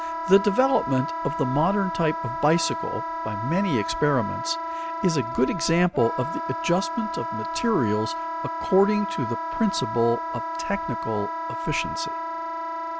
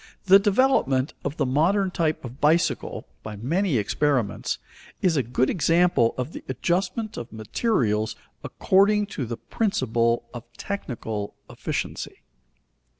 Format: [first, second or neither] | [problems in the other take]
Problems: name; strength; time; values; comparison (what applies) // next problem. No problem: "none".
second | background sound (Wind instrument, woodwind instrument); 4 dB below the speech